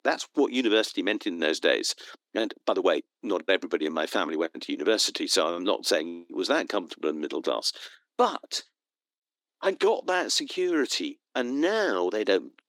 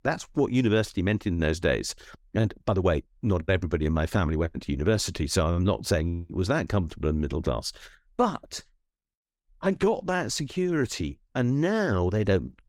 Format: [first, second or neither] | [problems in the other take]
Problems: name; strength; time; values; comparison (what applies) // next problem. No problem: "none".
second | thin; somewhat; fading below 300 Hz